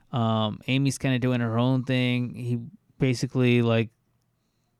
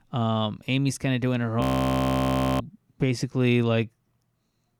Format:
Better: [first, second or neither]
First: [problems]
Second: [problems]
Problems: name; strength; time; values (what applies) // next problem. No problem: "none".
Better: first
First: none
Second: audio freezing; at 1.5 s for 1 s